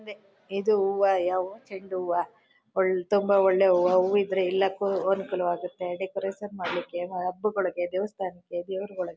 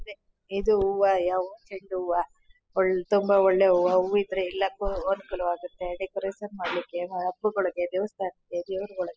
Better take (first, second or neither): first